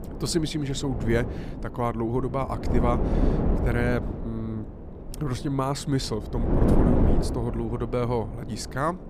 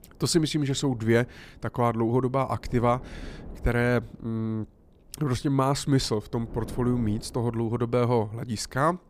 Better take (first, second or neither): second